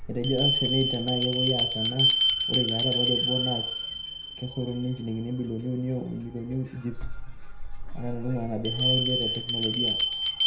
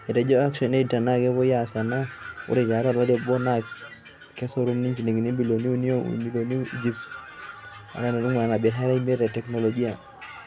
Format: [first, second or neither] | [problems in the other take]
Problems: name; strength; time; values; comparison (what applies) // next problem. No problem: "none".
second | background sound (Bell); 2 dB above the speech // room echo; dies away in 0.5 s